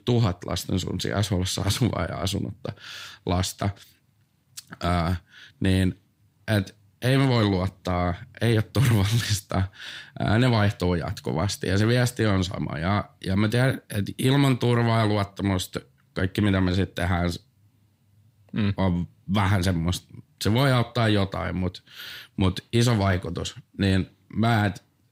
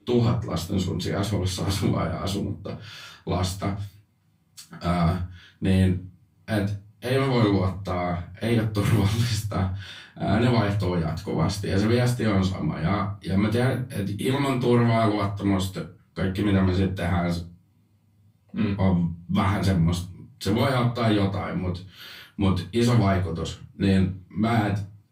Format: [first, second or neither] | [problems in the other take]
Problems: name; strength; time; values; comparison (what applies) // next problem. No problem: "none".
first | off-mic speech; far // room echo; slight; dies away in 0.3 s